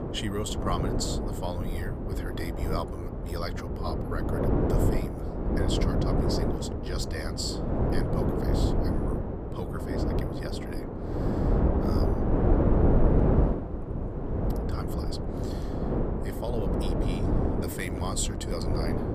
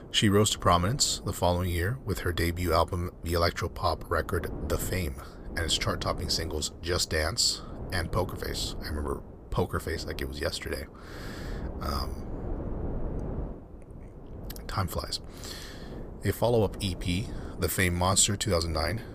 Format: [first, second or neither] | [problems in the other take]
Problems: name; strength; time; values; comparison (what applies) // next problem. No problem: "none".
second | wind noise on the microphone; heavy; 4 dB above the speech; occasional gusts in the second